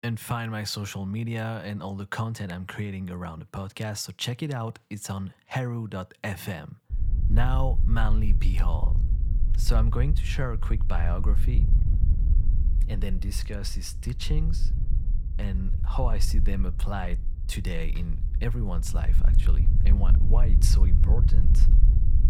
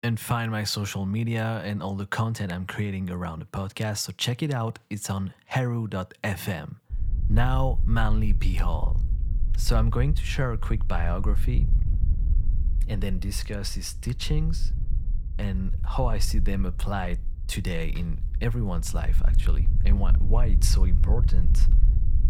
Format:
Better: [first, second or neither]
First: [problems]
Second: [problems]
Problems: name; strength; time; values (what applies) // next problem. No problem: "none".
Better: second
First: wind noise on the microphone; heavy; from 7 s on; 10 dB below the speech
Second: wind noise on the microphone; occasional gusts; from 7 s on; 15 dB below the speech